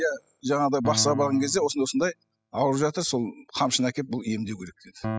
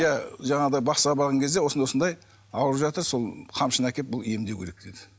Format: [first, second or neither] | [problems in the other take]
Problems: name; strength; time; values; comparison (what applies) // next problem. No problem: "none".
second | noise reduction (classical method spectral subtraction)